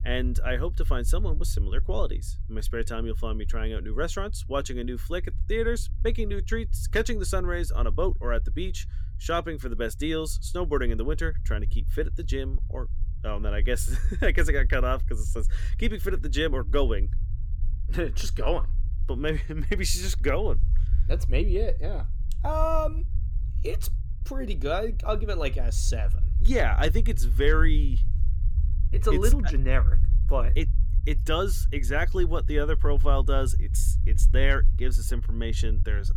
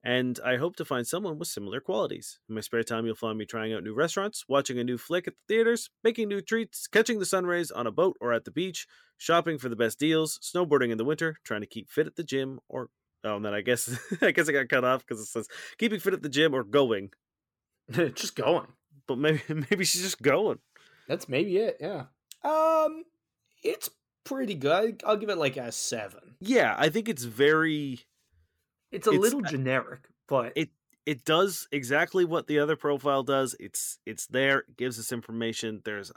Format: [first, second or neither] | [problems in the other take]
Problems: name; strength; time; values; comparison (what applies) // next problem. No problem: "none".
second | low rumble; noticeable; throughout; 20 dB below the speech